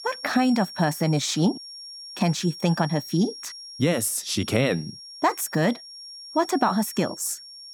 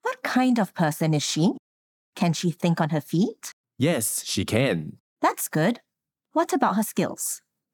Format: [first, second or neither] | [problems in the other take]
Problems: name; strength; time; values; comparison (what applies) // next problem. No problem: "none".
second | high-pitched whine; noticeable; throughout; 5.5 kHz, 15 dB below the speech